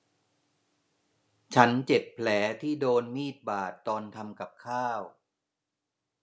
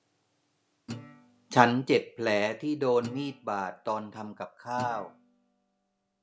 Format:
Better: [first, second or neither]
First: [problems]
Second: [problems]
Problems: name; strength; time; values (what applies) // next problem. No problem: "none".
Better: first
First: none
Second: background sound (Guitar); 17 dB below the speech